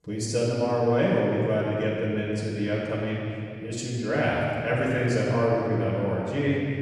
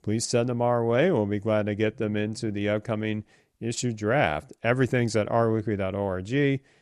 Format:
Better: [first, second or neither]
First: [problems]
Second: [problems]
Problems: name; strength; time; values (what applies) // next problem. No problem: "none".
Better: second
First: room echo; strong; dies away in 2.6 s // off-mic speech; far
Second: none